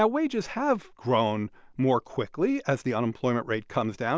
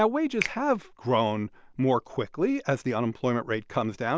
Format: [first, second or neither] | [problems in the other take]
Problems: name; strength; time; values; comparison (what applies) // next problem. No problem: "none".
first | background sound (Finger snapping); 14 dB below the speech